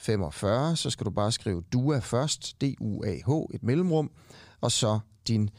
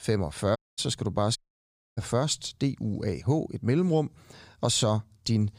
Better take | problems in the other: first | audio cutting out; at 0.5 s and at 1.5 s for 0.5 s

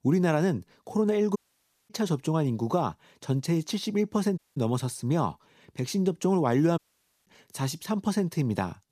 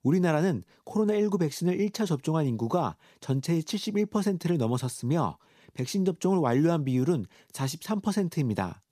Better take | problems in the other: second | audio cutting out; at 1.5 s for 0.5 s, at 4.5 s and at 7 s

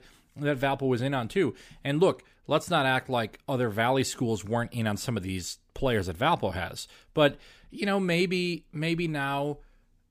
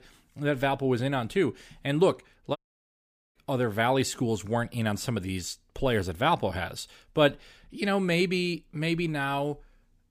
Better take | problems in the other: first | audio cutting out; at 2.5 s for 1 s

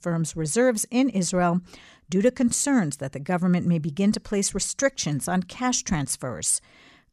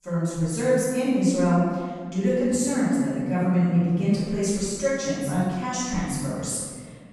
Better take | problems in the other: first | off-mic speech; far // room echo; strong; dies away in 1.7 s

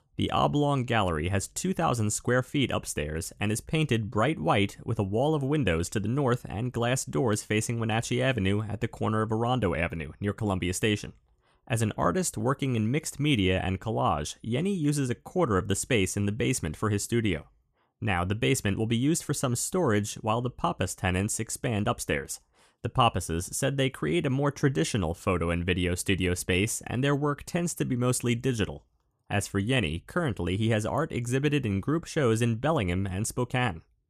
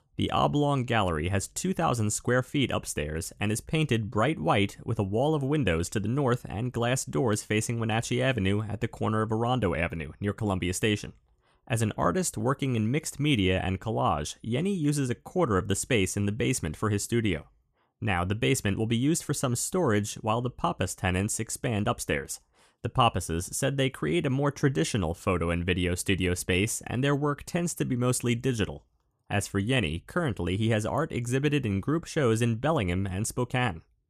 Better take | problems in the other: neither | none

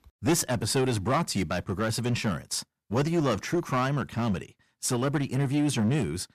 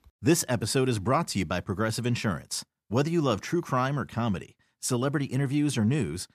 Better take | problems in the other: second | distortion; slight; 8% of the sound clipped

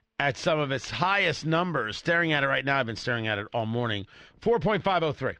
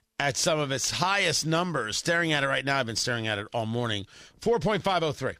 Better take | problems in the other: second | muffled; slightly; fading above 2.5 kHz

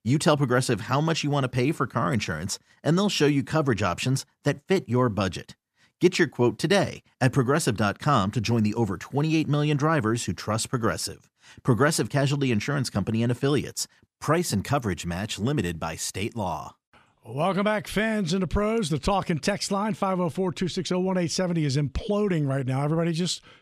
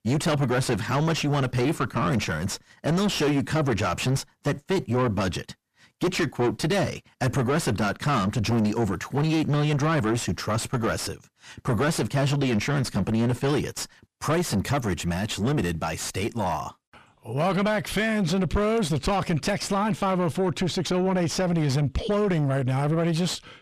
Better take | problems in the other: first | distortion; heavy; 6 dB below the speech

